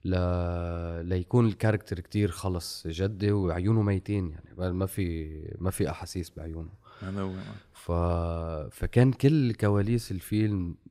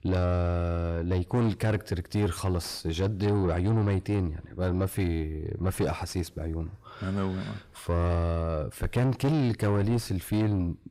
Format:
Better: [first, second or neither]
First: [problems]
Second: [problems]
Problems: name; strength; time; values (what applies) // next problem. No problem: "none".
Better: first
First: none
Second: distortion; heavy; 7 dB below the speech